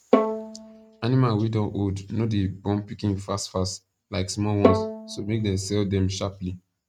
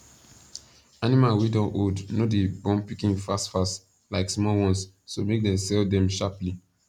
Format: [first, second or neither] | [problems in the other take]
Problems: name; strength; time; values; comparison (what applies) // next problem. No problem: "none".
second | noise reduction (neural mask model RNNoise)